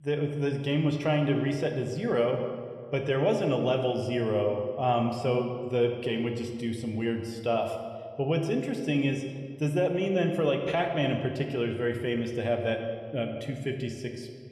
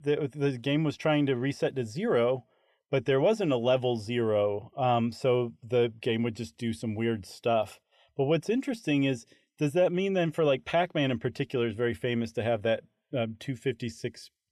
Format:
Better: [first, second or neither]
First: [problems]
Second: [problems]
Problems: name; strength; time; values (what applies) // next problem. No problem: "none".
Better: second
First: room echo; slight; dies away in 1.5 s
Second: none